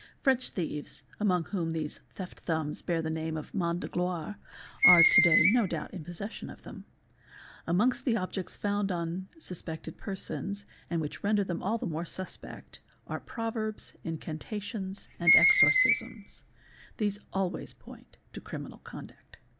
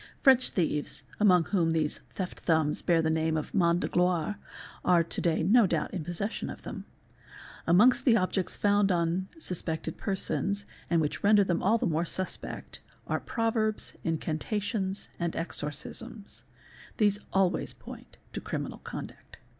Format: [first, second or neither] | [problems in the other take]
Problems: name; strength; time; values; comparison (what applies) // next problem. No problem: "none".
second | background sound (Screech); 4 dB above the speech